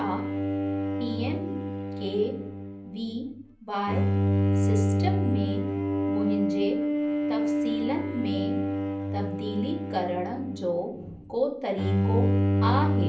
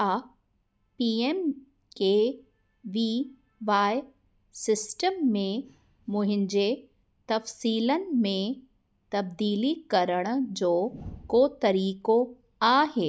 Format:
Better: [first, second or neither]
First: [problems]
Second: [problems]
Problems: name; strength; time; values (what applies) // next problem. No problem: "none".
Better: second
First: background sound (Bowed string instrument); 5 dB above the speech // room echo; dies away in 0.6 s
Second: none